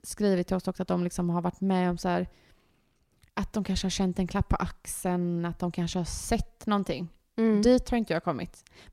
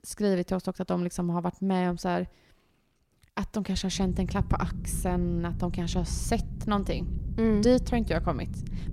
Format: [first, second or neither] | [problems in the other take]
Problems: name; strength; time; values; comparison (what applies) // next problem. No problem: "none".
first | low rumble; noticeable; from 4 s on; 15 dB below the speech